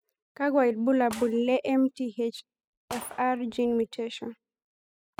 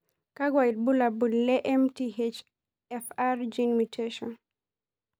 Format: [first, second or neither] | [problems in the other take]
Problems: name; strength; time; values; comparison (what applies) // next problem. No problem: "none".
second | noise reduction (classical method spectral subtraction)